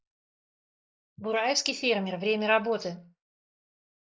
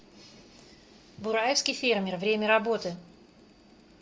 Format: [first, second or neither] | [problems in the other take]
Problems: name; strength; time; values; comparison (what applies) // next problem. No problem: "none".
second | noise reduction (neural mask model Resemble Enhance denoiser)